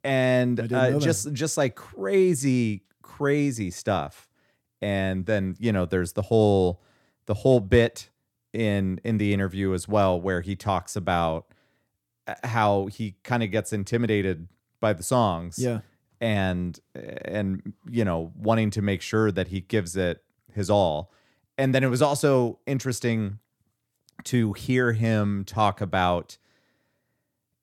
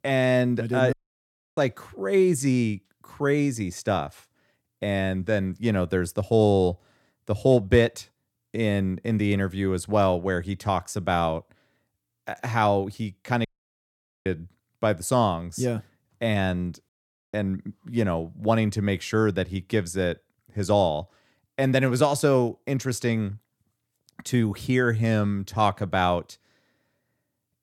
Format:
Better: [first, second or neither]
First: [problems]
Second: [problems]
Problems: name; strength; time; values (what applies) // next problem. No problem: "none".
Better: first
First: none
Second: audio cutting out; at 1 s for 0.5 s, at 13 s for 1 s and at 17 s